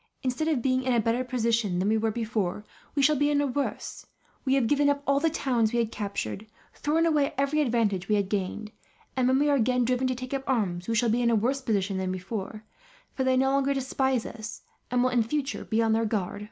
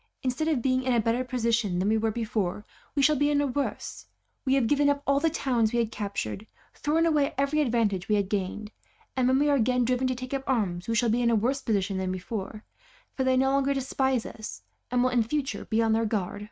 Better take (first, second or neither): first